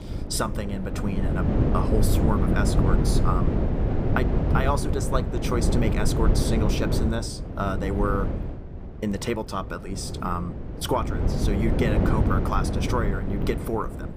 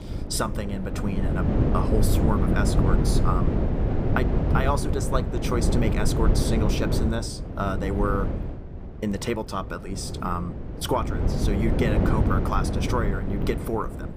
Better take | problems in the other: neither | wind noise on the microphone; heavy; 3 dB below the speech; the same in both

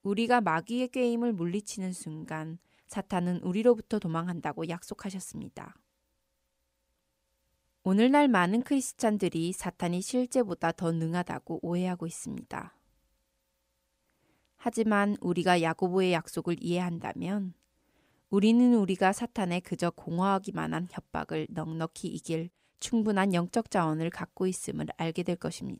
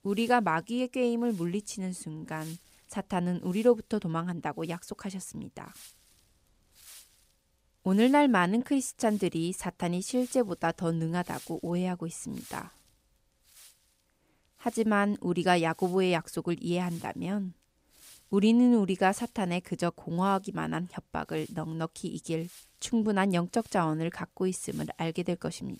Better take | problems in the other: first | wind noise on the microphone; occasional gusts; 25 dB below the speech

